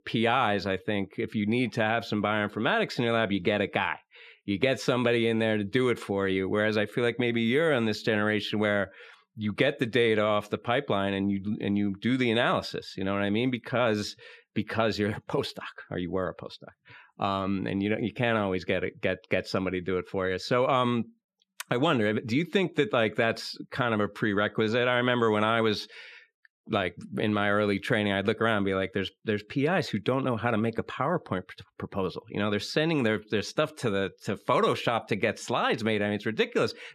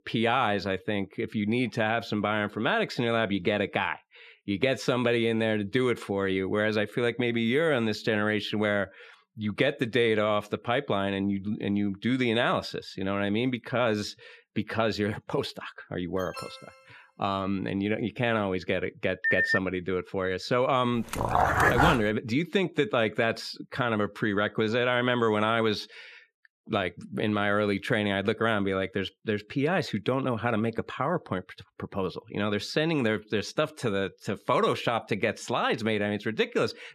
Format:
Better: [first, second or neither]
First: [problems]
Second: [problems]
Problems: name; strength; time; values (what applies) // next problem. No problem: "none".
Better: first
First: none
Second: alarm; faint; at 16 s; peak 15 dB below the speech // phone ringing; loud; at 19 s; peak 4 dB above the speech // dog barking; loud; at 21 s; peak 6 dB above the speech